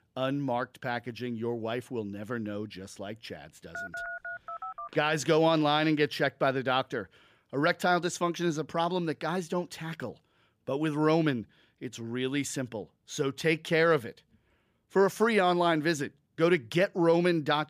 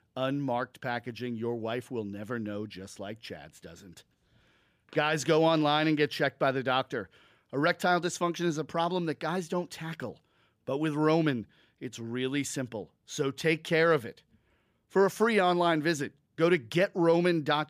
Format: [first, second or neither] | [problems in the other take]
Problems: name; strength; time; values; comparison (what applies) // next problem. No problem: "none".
second | phone ringing; noticeable; from 4 to 5 s; peak 8 dB below the speech